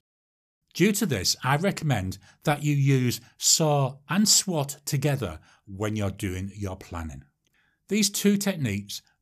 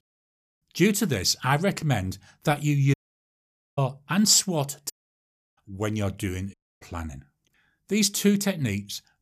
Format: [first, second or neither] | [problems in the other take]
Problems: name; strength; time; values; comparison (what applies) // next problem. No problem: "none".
first | audio cutting out; at 3 s for 1 s, at 5 s for 0.5 s and at 6.5 s